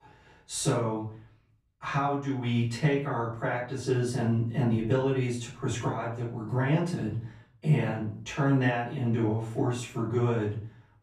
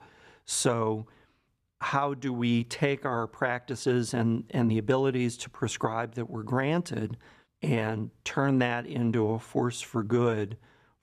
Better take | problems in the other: second | off-mic speech; far // room echo; noticeable; dies away in 0.4 s

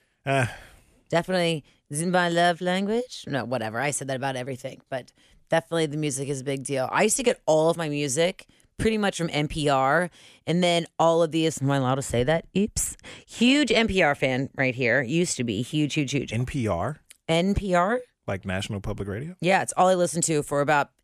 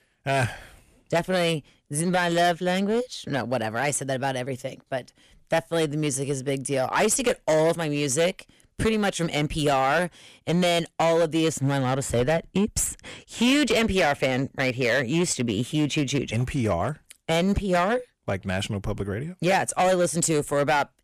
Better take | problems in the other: first | distortion; slight; 8% of the sound clipped

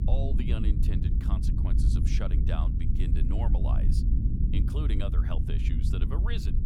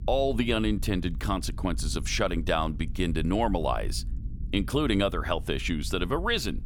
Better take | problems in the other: second | low rumble; loud; throughout; 1 dB below the speech; faint in the second

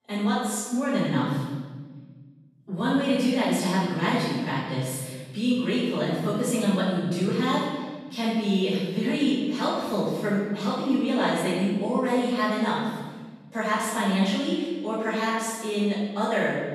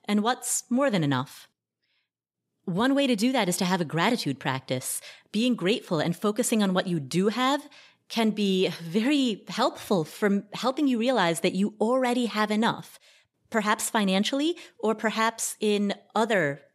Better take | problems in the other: second | off-mic speech; far // room echo; strong; dies away in 1.5 s

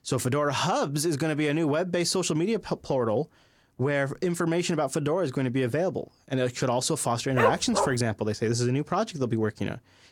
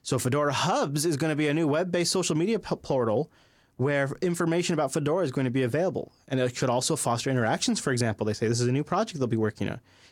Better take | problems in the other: second | dog barking; loud; at 7.5 s; peak 1 dB above the speech

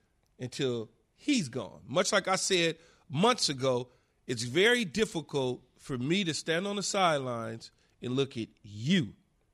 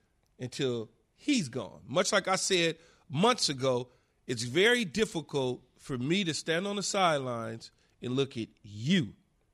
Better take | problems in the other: neither | none

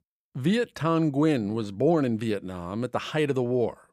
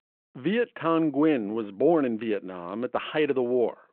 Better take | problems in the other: first | phone-call audio

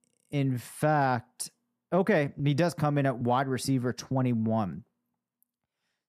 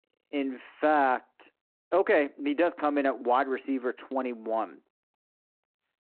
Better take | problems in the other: first | phone-call audio; nothing above 4 kHz

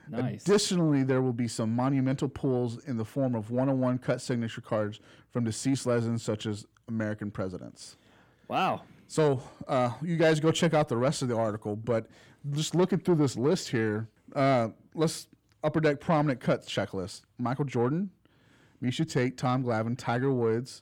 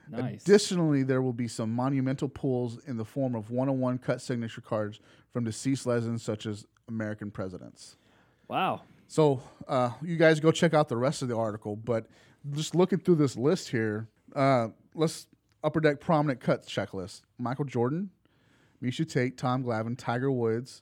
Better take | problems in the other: second | distortion; slight; 10 dB below the speech

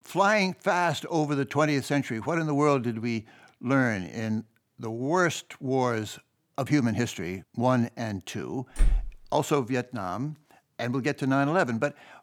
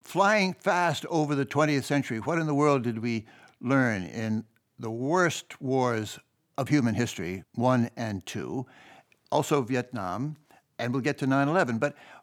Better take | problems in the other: second | door banging; noticeable; at 9 s; peak 2 dB below the speech

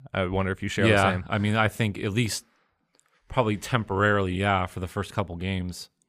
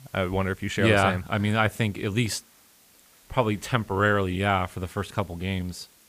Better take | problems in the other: first | hiss; faint; throughout; 30 dB below the speech

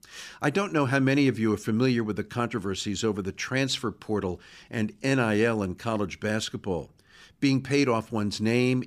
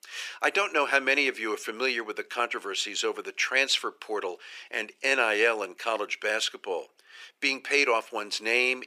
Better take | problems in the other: first | thin; very; fading below 450 Hz

